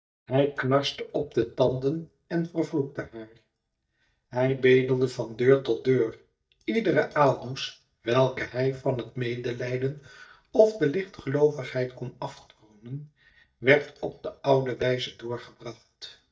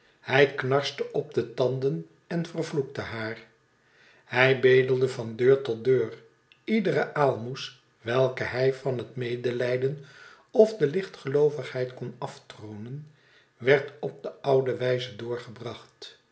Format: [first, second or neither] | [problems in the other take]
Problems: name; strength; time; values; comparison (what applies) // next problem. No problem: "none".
second | noise reduction (neural mask model DeepFilterNet 3)